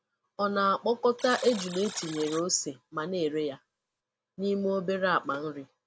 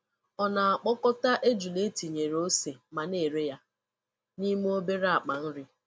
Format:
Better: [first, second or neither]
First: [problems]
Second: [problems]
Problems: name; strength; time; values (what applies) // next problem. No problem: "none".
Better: second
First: background sound (Alarm); 15 dB below the speech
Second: none